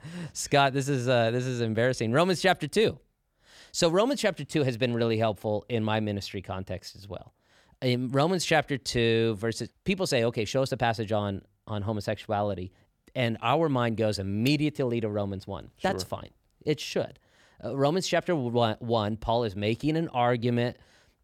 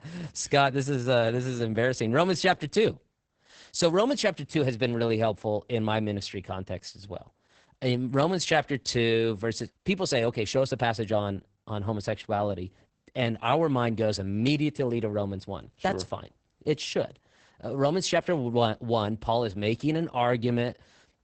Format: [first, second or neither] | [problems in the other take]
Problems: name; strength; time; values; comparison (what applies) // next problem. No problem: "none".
first | garbled, watery; badly; nothing above 8 kHz